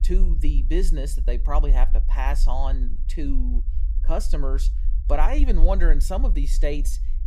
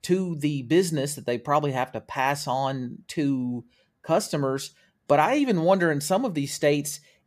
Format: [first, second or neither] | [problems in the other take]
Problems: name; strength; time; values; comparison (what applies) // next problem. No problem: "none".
second | low rumble; noticeable; throughout; 20 dB below the speech